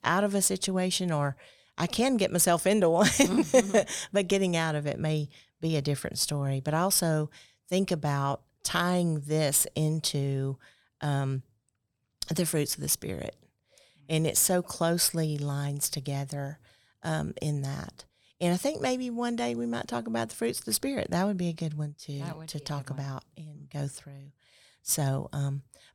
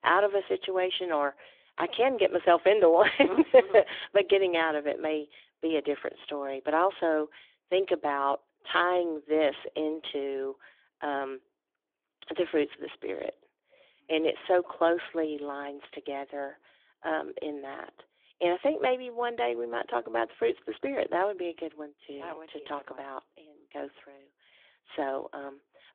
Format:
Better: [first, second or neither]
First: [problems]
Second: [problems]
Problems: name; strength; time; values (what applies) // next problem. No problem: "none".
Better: first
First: none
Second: phone-call audio; nothing above 3.5 kHz